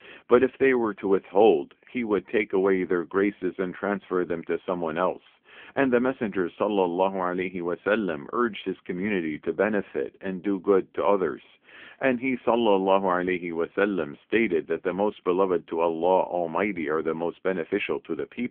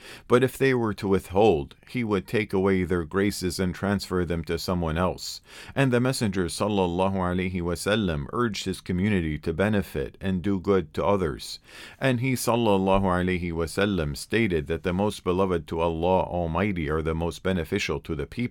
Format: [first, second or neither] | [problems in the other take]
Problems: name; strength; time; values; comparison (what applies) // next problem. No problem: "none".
second | phone-call audio; poor line; nothing above 3.5 kHz